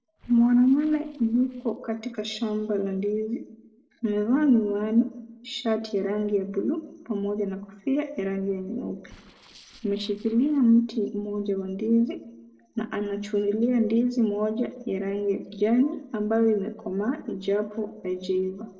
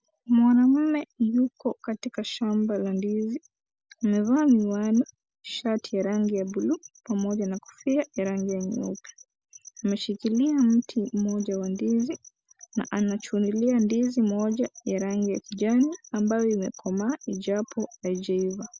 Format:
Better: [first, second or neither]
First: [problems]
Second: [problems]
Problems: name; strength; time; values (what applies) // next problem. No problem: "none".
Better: second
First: noise reduction (neural separator model SepFormer DNS4)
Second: none